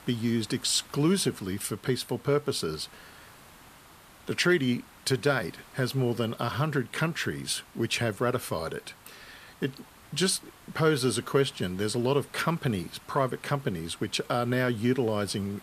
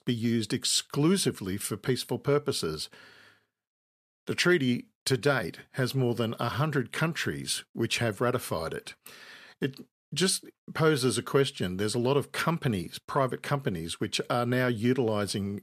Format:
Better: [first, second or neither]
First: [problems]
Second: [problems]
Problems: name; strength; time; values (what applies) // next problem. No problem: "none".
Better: second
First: hiss; faint; throughout; 25 dB below the speech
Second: none